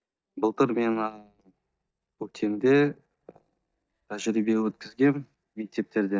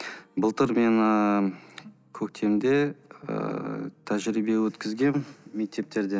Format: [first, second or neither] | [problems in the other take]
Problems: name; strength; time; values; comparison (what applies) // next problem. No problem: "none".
second | noise reduction (neural mask model DeepFilterNet 3)